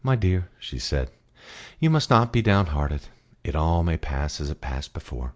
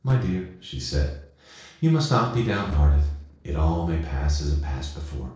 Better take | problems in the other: first | noise reduction (neural separator model SepFormer DNS4)

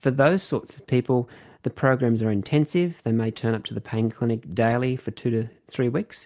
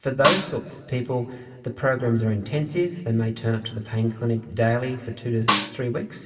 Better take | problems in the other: first | background sound (Snare drum); 1 dB below the speech // room echo; dies away in 1.8 s

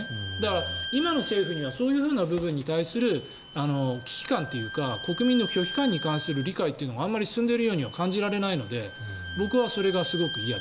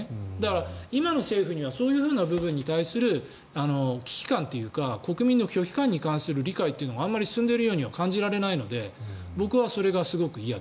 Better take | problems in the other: second | background sound (Bowed string instrument); 11 dB below the speech

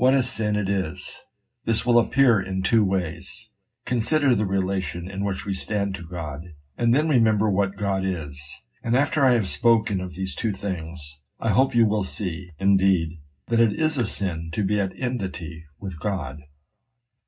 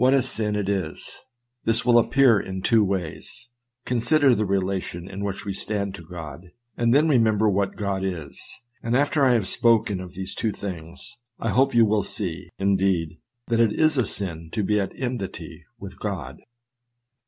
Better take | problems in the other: second | room echo; dies away in 0.4 s

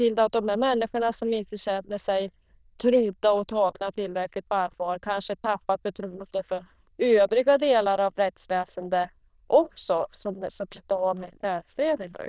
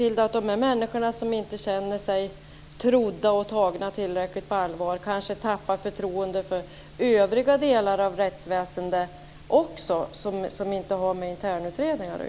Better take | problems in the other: second | noise reduction (neural diffusion model UNIVERSE++)

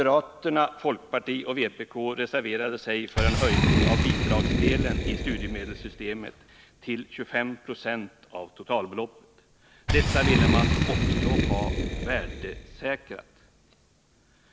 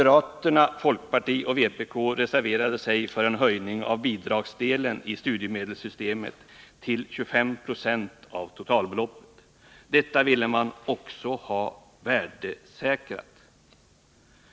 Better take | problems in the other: second | background sound (Boom); 2 dB above the speech

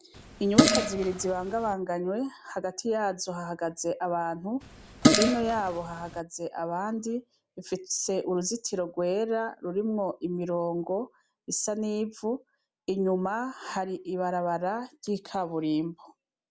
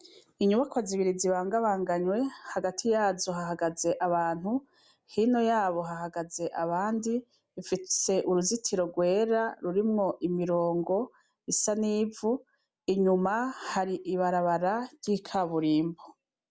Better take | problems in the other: second | background sound (Fart); 4 dB above the speech

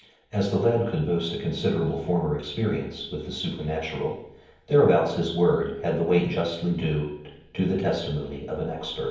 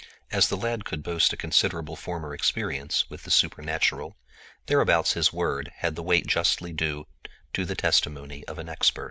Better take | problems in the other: second | room echo; dies away in 0.9 s

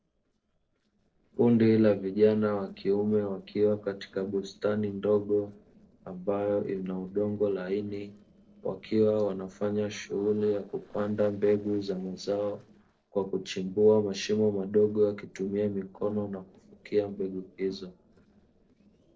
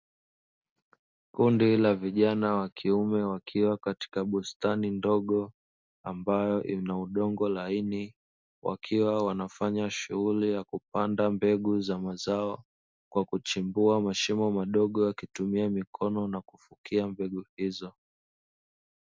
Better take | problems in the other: second | noise reduction (neural separator model SepFormer DNS4)

